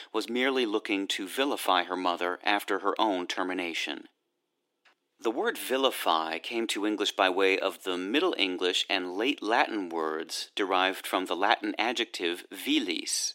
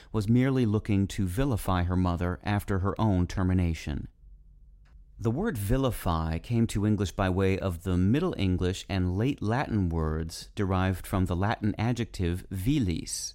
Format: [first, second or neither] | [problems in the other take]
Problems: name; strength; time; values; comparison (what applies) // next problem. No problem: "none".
second | thin; very; fading below 300 Hz